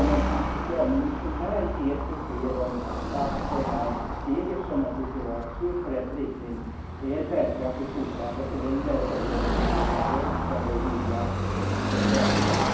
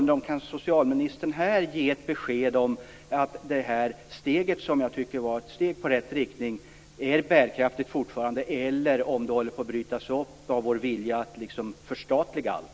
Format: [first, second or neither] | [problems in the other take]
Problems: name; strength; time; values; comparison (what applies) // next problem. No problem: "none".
second | background sound (Car passing by / Traffic noise, roadway noise); 1 dB above the speech // room echo; dies away in 1.2 s